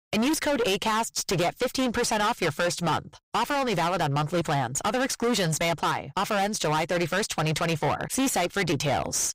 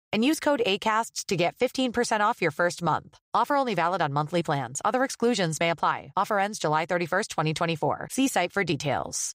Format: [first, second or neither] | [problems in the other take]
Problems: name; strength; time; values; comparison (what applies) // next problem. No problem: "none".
second | distortion; heavy; 27% of the sound clipped